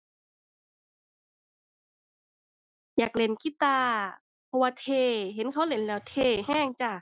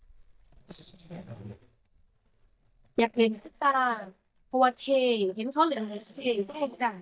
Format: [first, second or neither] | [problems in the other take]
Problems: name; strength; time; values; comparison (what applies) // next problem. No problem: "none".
first | noise reduction (neural mask model DeepFilterNet 3)